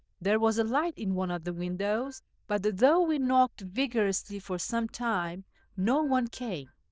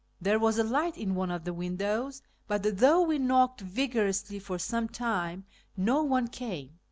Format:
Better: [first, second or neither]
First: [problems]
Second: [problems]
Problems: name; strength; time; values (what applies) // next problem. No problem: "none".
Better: second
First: noise reduction (neural diffusion model UNIVERSE++)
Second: none